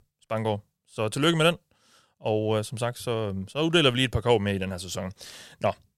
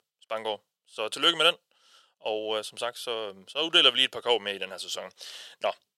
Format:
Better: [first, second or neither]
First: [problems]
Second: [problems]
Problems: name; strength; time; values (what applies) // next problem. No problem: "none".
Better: first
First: none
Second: thin; very; fading below 500 Hz